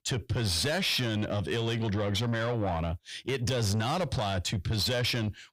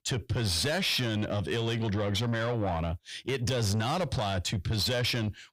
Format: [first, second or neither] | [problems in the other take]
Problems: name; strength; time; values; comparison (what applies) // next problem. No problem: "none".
neither | distortion; slight; 10 dB below the speech; the same in both